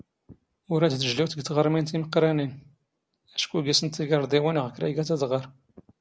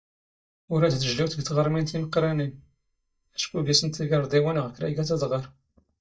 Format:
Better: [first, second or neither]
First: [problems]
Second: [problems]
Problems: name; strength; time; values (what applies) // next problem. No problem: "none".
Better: first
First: none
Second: noise reduction (neural mask model DeepFilterNet 3)